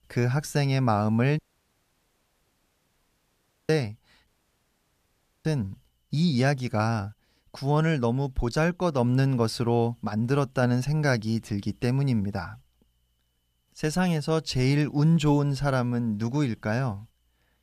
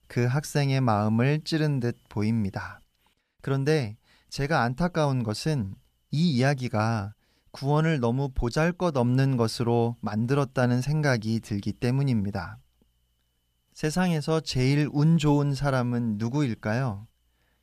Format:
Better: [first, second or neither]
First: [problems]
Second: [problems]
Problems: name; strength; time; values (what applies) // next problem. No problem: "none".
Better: second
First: audio cutting out; at 1.5 s for 2.5 s and at 4.5 s for 1 s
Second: none